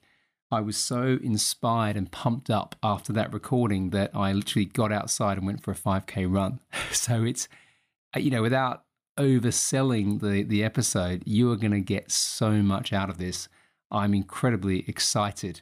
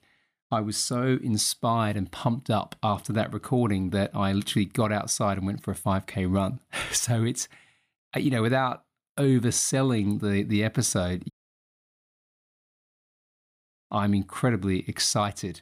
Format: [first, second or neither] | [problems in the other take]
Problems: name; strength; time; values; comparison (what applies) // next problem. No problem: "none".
first | audio cutting out; at 11 s for 2.5 s